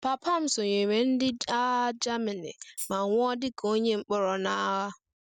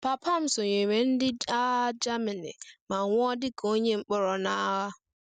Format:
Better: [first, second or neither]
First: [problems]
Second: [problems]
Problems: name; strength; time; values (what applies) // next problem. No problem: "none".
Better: second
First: background sound (Tambourine); 14 dB below the speech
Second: none